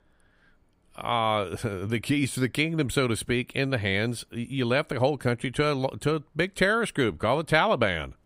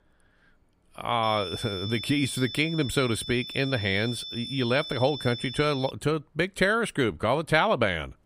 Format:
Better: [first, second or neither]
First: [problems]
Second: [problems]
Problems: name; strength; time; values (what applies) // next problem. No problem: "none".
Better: first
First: none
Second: high-pitched whine; loud; from 1 to 6 s; 3.5 kHz, 9 dB below the speech